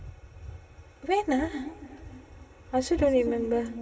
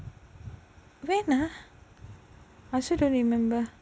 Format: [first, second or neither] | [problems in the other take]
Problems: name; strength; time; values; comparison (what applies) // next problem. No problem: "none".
second | room echo; dies away in 1.4 s